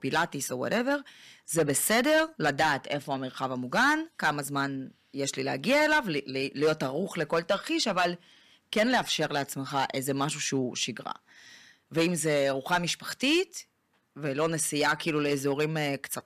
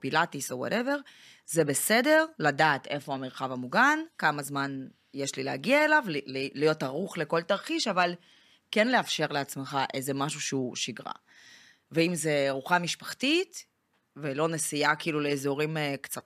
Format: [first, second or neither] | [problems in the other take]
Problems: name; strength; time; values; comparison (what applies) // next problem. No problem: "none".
second | distortion; slight; 3% of the sound clipped